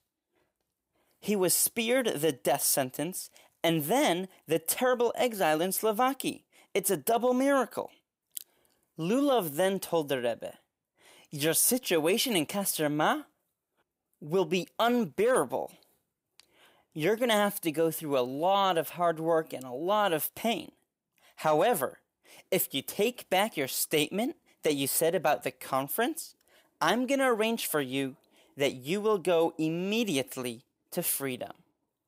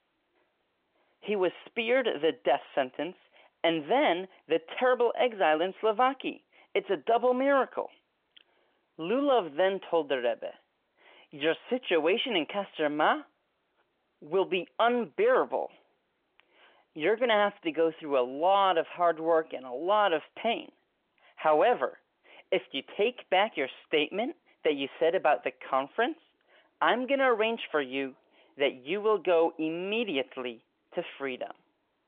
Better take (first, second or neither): first